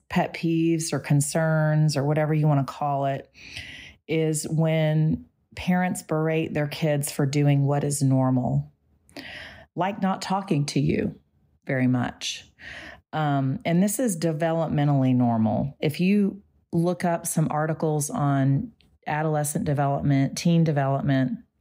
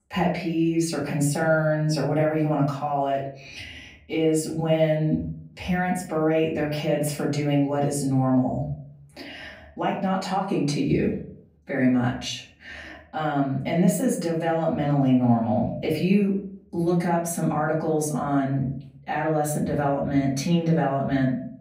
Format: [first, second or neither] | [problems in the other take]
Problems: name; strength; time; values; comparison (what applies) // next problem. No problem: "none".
first | off-mic speech; far // room echo; slight; dies away in 0.5 s